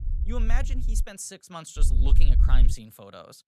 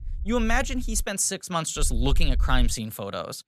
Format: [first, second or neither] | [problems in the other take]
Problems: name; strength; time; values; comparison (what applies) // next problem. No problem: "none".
second | low rumble; loud; until 1 s and at 2 s; 8 dB below the speech; faint in the second